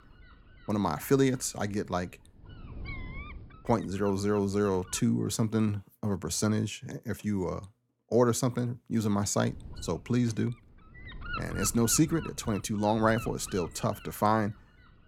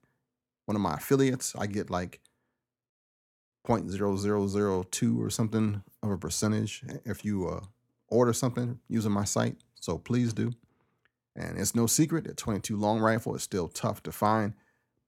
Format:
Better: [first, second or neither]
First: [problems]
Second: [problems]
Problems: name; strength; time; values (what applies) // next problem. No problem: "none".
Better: second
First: wind noise on the microphone; occasional gusts; until 5 s and from 9.5 s on; 15 dB below the speech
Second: none